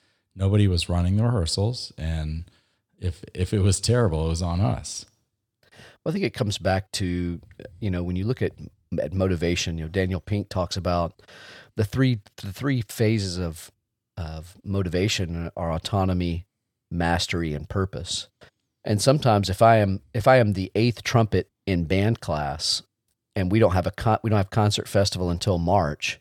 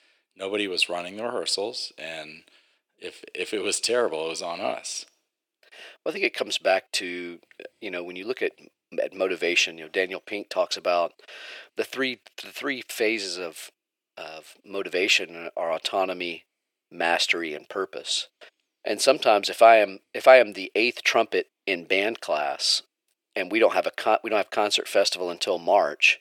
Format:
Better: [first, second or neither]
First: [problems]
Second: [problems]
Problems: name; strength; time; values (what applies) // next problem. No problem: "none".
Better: first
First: none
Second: thin; very; fading below 350 Hz